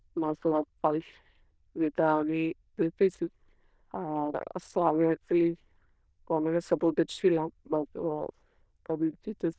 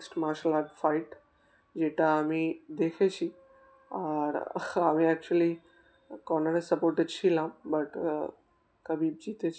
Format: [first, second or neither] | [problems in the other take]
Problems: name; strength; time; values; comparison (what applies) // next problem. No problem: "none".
second | noise reduction (neural diffusion model UNIVERSE++)